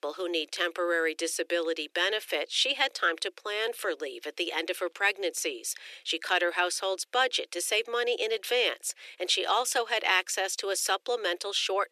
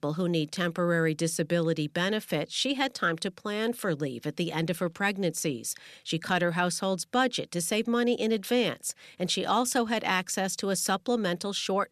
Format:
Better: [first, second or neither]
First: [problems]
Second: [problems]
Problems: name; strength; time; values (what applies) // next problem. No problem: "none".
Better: second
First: thin; very; fading below 350 Hz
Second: none